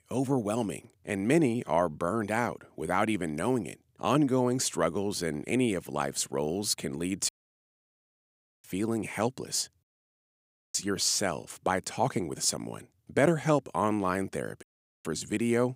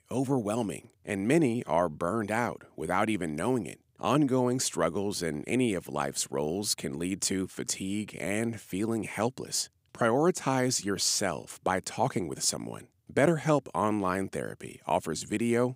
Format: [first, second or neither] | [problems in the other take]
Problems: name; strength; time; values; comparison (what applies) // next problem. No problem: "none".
second | audio cutting out; at 7.5 s for 1.5 s, at 10 s for 1 s and at 15 s